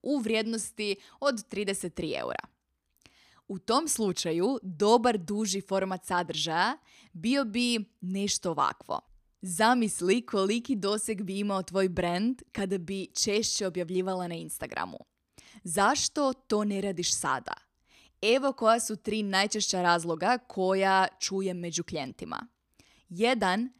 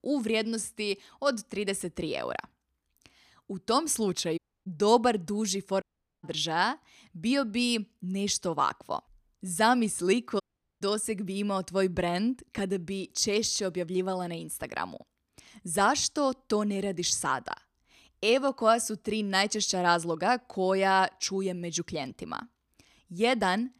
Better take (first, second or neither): first